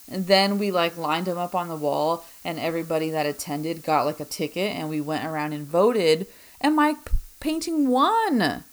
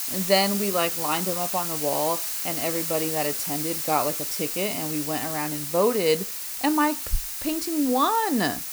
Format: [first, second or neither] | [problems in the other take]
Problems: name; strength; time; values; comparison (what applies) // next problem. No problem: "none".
first | hiss; loud; throughout; 2 dB below the speech; faint in the first